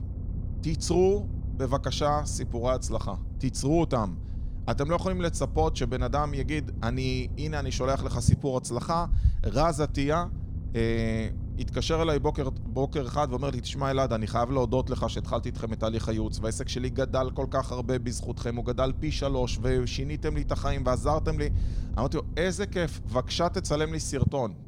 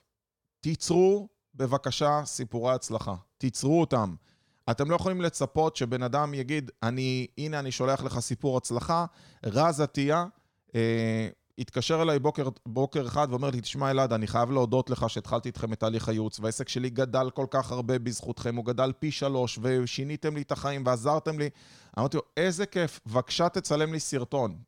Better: second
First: low rumble; noticeable; throughout; 20 dB below the speech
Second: none

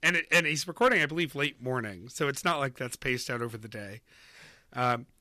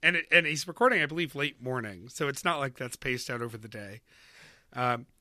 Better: second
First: distortion; slight; 1% of the sound clipped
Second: none

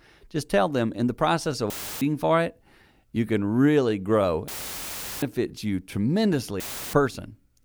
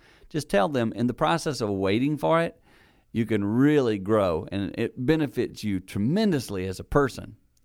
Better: second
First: audio cutting out; filled with static; at 1.5 s, at 4.5 s for 0.5 s and at 6.5 s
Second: none

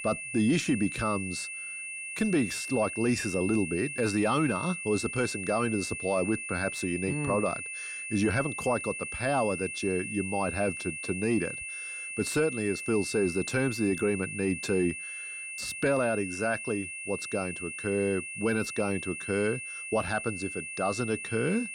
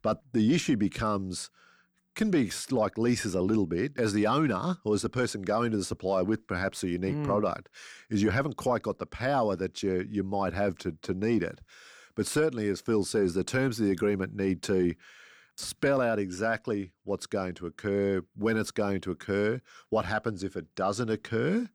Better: second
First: high-pitched whine; loud; throughout; 2.5 kHz, 6 dB below the speech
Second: none

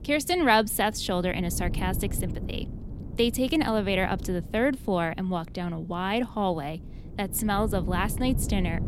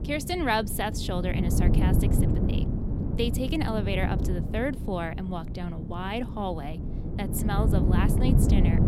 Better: first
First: wind noise on the microphone; occasional gusts; 20 dB below the speech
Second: wind noise on the microphone; heavy; 6 dB below the speech

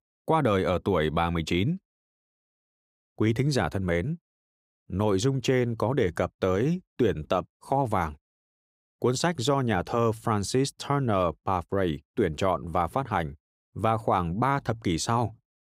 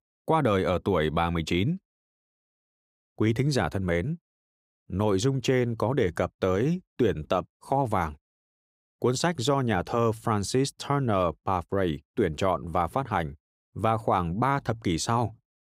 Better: neither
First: none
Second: none

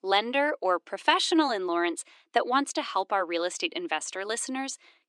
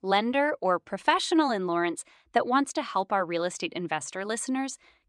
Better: second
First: thin; very slightly; fading below 300 Hz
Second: none

